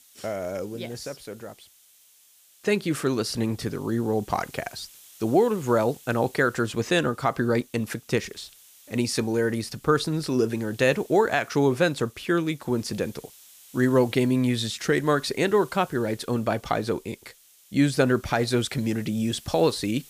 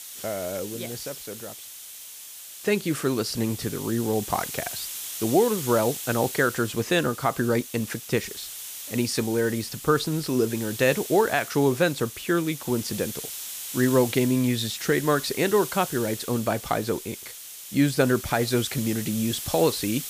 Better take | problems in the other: first | hiss; loud; throughout; 9 dB below the speech; faint in the first

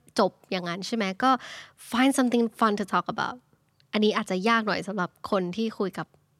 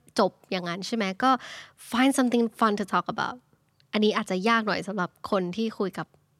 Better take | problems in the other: neither | none

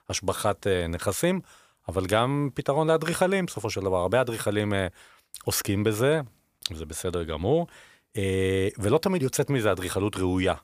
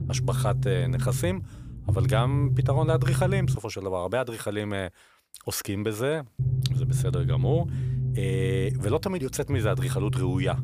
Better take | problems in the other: first | low rumble; loud; until 3.5 s and from 6.5 s on; 8 dB below the speech

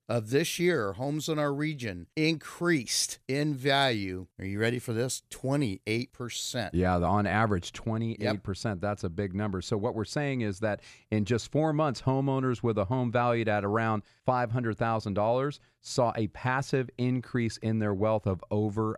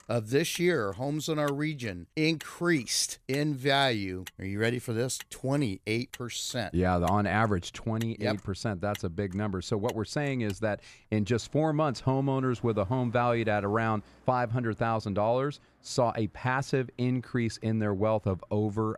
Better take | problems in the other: first | traffic noise; faint; throughout; 20 dB below the speech

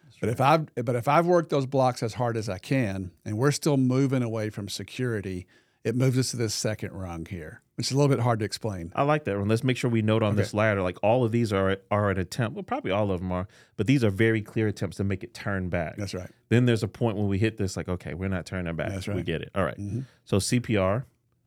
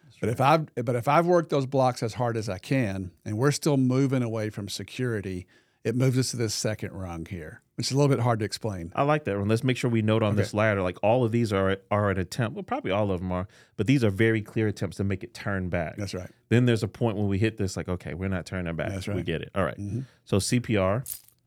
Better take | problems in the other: first | jangling keys; faint; at 21 s; peak 10 dB below the speech

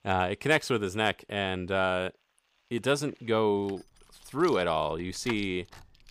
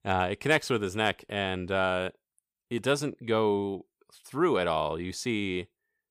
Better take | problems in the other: second | household noises; noticeable; throughout; 20 dB below the speech

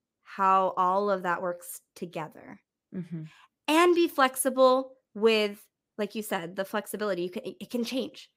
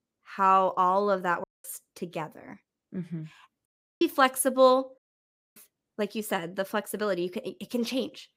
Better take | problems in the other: first | audio cutting out; at 1.5 s, at 3.5 s and at 5 s for 0.5 s

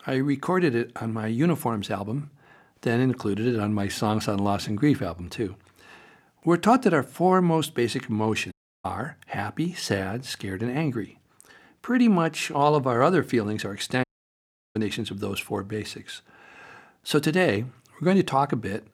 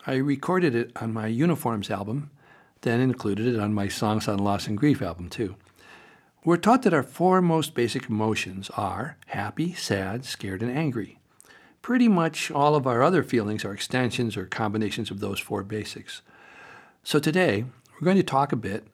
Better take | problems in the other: second | audio cutting out; at 8.5 s and at 14 s for 0.5 s

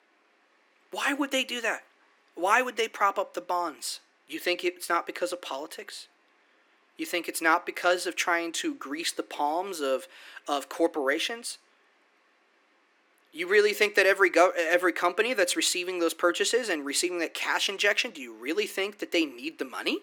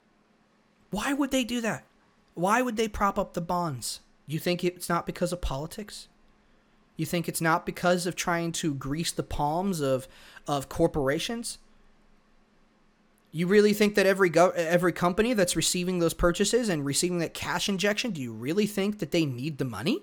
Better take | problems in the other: second | thin; somewhat; fading below 300 Hz

